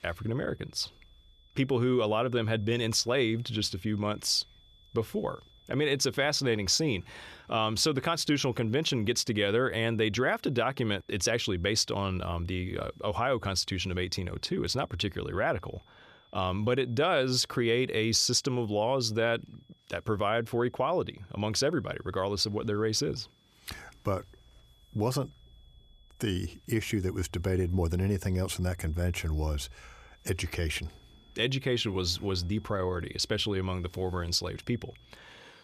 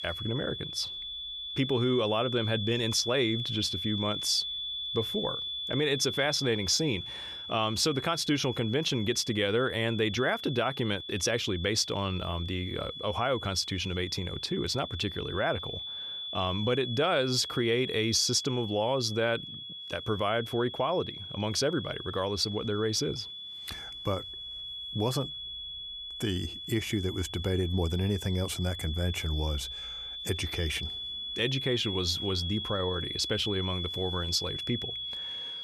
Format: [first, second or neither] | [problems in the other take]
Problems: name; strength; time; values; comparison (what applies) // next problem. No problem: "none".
first | high-pitched whine; loud; throughout; 3.5 kHz, 6 dB below the speech; faint in the first